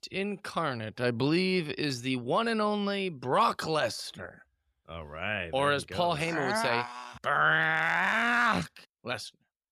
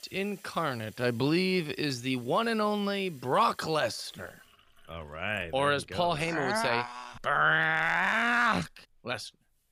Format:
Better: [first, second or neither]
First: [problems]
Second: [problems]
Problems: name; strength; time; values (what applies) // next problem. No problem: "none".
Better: first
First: none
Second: household noises; faint; throughout; 25 dB below the speech